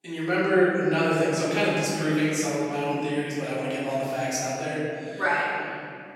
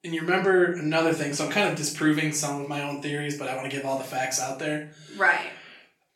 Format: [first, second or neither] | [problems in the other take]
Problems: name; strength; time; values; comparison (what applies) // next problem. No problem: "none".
second | room echo; strong; dies away in 3 s; slight in the second // off-mic speech; far; far in the second